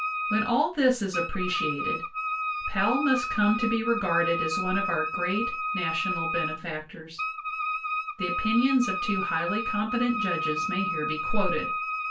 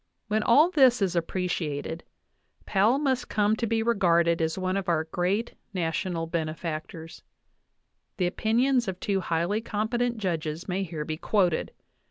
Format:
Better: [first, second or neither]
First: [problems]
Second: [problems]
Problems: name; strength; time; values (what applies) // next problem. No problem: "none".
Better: second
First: background sound (Wind instrument, woodwind instrument); 2 dB below the speech // room echo; dies away in 0.2 s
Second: none